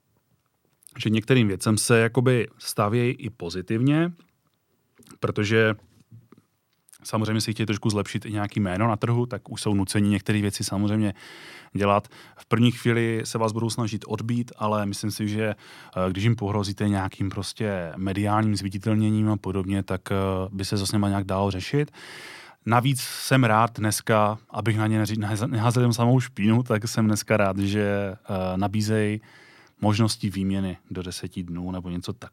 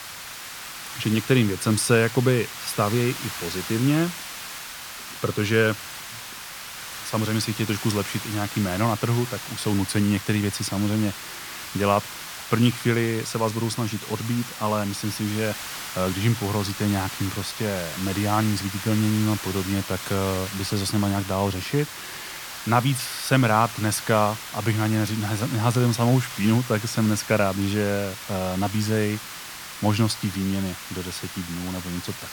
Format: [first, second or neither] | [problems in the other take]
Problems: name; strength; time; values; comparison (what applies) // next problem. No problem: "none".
first | hiss; loud; throughout; 9 dB below the speech